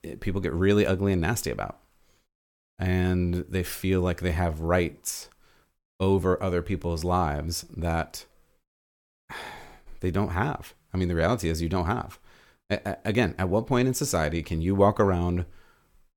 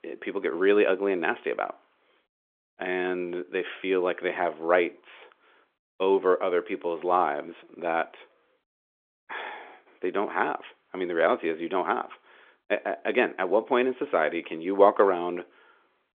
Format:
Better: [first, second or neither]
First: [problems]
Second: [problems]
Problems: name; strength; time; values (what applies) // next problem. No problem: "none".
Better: first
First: none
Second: phone-call audio; nothing above 3.5 kHz